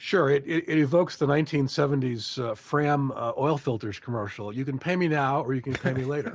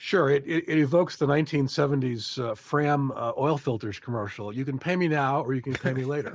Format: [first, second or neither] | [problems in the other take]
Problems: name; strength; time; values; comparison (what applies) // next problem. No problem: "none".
first | noise reduction (neural mask model Resemble Enhance denoiser)